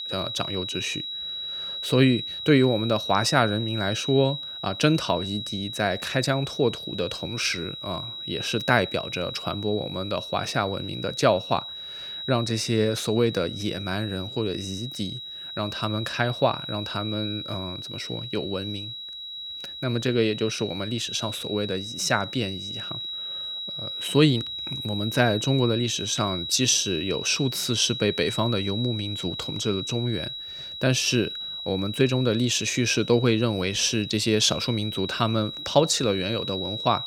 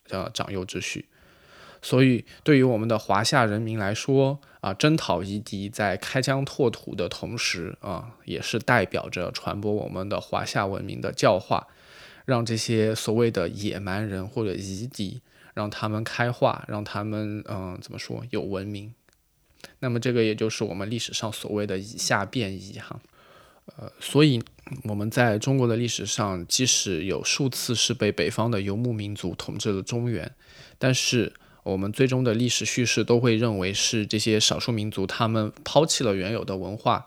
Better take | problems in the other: second | high-pitched whine; loud; throughout; 4 kHz, 7 dB below the speech

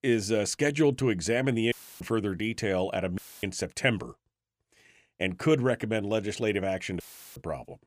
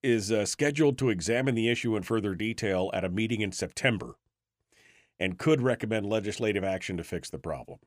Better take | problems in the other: second | audio cutting out; filled with static; at 1.5 s, at 3 s and at 7 s

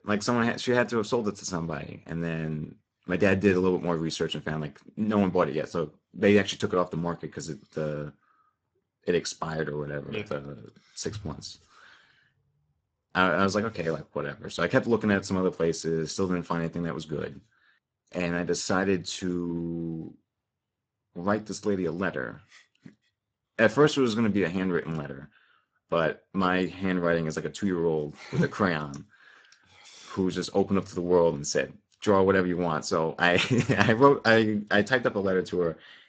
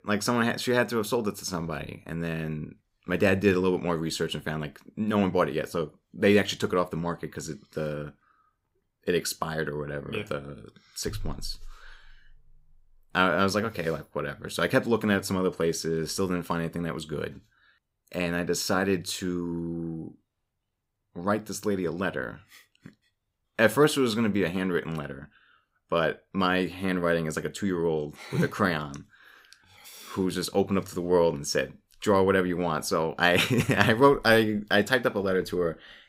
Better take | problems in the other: second | garbled, watery; badly; nothing above 7.5 kHz

